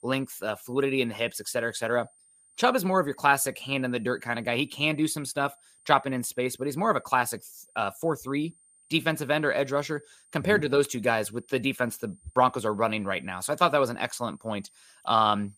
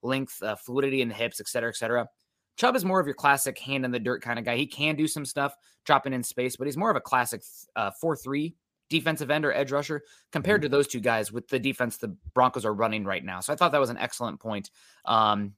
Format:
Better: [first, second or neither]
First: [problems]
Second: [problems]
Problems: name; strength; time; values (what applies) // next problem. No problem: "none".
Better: second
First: high-pitched whine; faint; throughout; 9 kHz, 30 dB below the speech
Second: none